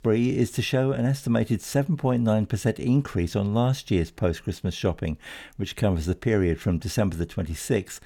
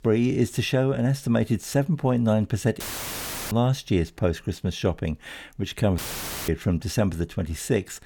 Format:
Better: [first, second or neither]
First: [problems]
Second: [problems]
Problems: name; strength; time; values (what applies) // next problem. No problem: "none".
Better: first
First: none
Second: audio cutting out; filled with static; at 3 s for 0.5 s and at 6 s for 0.5 s